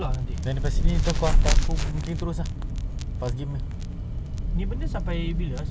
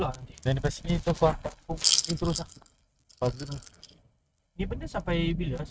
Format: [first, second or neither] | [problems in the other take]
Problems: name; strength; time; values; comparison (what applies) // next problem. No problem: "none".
first | noise reduction (neural mask model RNNoise)